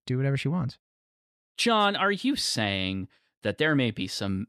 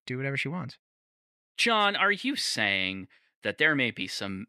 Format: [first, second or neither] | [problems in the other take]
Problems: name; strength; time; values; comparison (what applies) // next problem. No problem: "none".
first | thin; very slightly; fading below 450 Hz